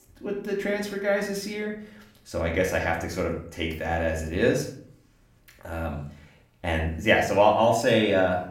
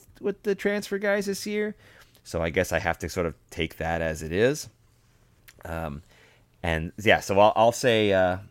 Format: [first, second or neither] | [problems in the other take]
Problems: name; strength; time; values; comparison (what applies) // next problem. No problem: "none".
second | room echo; slight; dies away in 0.5 s // off-mic speech; somewhat distant